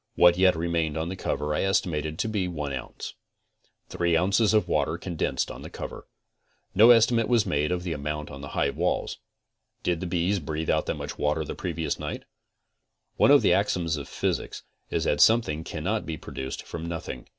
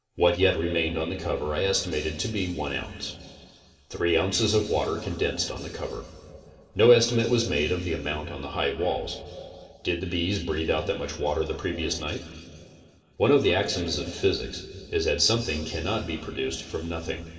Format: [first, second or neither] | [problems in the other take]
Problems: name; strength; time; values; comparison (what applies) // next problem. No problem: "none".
first | room echo; dies away in 2.5 s